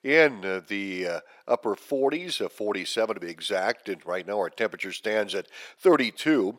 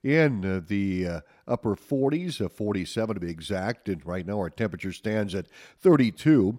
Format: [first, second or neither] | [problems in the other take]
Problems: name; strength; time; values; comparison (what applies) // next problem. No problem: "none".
second | thin; somewhat; fading below 500 Hz